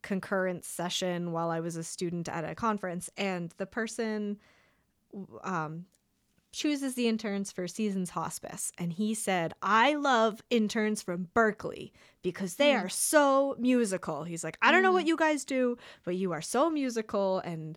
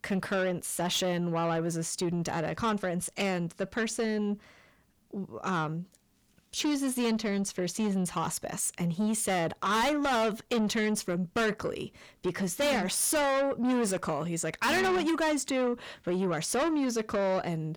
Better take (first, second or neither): first